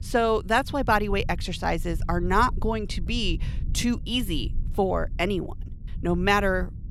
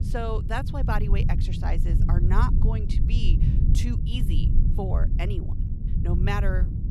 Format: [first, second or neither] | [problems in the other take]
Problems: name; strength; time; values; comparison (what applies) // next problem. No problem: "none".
first | low rumble; loud; throughout; 6 dB below the speech; faint in the first